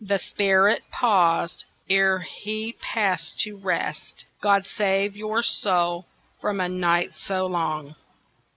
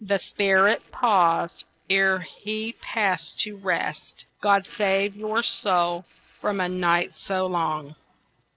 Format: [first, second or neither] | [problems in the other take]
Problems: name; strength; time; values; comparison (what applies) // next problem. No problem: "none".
first | noise reduction (neural separator model SepFormer DNS4)